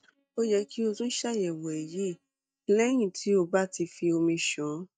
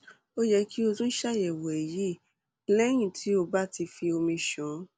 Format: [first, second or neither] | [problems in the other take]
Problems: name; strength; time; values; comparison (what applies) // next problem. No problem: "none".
second | noise reduction (neural mask model DeepFilterNet 3)